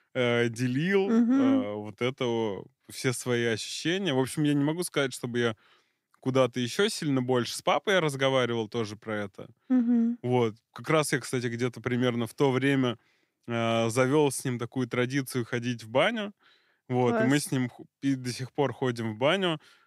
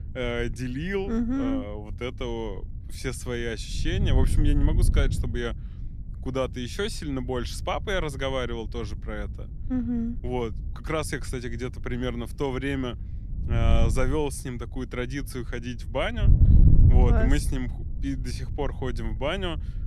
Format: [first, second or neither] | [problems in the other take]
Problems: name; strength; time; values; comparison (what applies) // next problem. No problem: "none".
first | wind noise on the microphone; occasional gusts; 10 dB below the speech